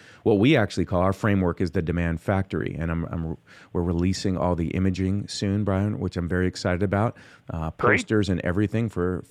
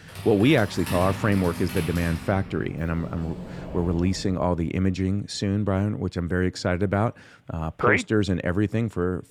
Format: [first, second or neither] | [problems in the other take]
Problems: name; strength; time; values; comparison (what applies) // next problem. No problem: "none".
first | household noises; noticeable; until 4 s; 10 dB below the speech